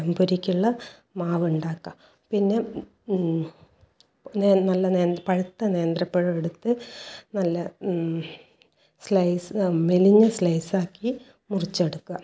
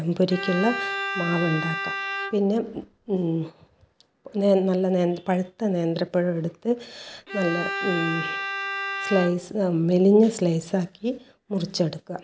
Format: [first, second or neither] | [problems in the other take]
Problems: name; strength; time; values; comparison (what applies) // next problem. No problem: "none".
first | background sound (Bowed string instrument); 6 dB below the speech